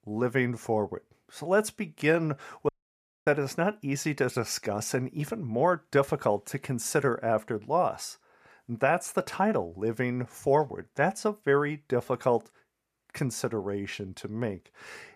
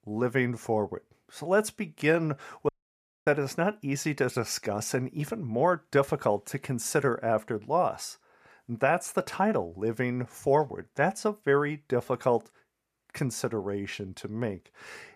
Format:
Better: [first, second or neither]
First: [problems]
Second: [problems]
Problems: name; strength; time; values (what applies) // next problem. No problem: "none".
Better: neither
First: audio cutting out; at 2.5 s for 0.5 s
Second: audio cutting out; at 2.5 s for 0.5 s